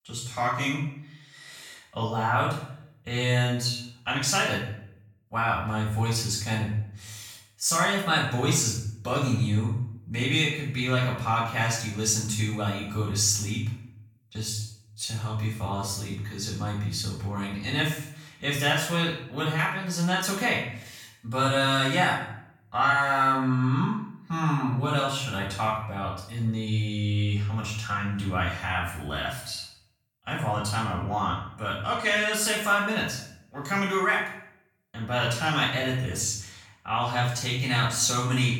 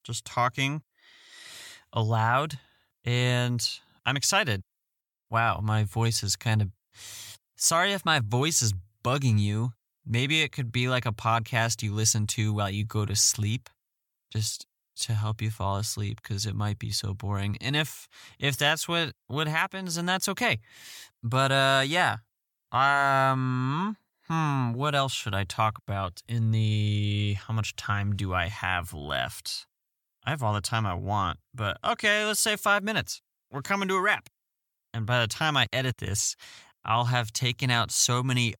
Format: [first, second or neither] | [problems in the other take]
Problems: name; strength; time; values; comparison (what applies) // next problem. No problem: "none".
second | off-mic speech; far // room echo; noticeable; dies away in 0.6 s